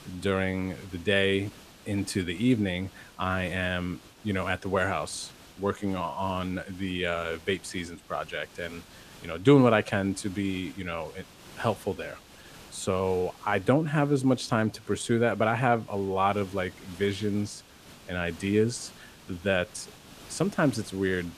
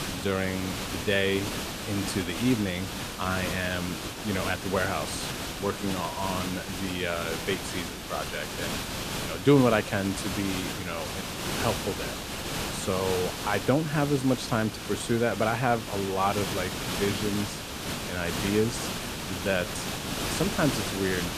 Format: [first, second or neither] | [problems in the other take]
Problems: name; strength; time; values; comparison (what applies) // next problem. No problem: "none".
first | hiss; loud; throughout; 4 dB below the speech; faint in the first